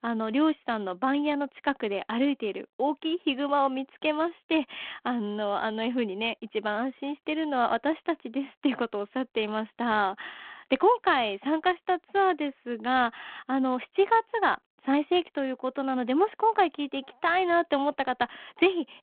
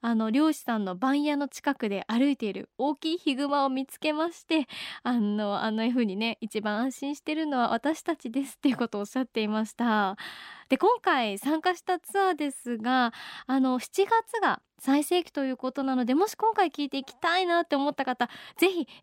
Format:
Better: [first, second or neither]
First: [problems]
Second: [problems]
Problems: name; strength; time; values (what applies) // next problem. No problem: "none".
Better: second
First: phone-call audio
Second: none